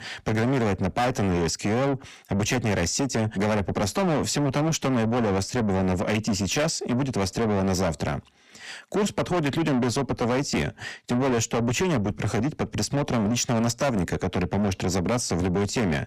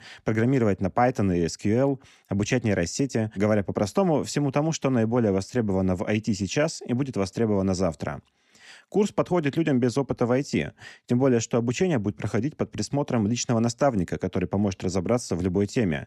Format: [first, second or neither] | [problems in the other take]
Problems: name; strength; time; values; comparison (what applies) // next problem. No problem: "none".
second | distortion; heavy; 6 dB below the speech